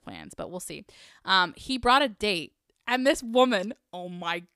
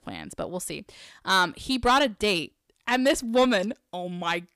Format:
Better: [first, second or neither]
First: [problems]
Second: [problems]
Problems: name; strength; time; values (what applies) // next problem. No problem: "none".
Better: first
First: none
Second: distortion; slight; 10 dB below the speech